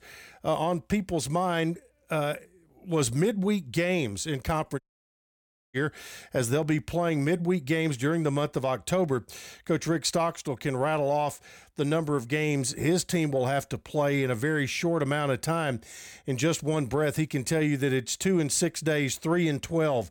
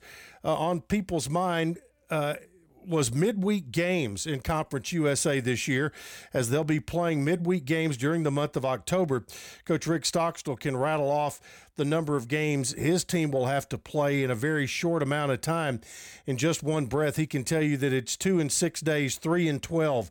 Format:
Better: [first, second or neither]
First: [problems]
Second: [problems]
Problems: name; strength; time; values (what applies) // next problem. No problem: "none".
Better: second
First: audio cutting out; at 5 s for 1 s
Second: none